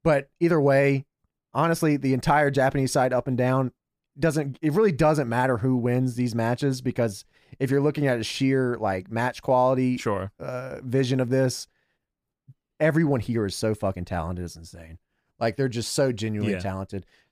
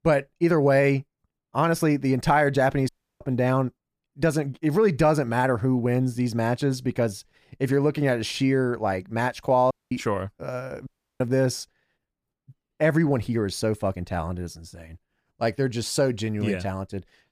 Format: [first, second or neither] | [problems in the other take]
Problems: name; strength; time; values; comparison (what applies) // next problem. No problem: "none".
first | audio cutting out; at 3 s, at 9.5 s and at 11 s